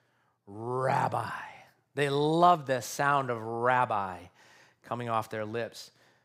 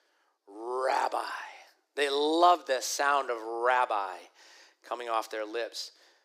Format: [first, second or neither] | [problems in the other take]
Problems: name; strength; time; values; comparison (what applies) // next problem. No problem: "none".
first | thin; somewhat; fading below 300 Hz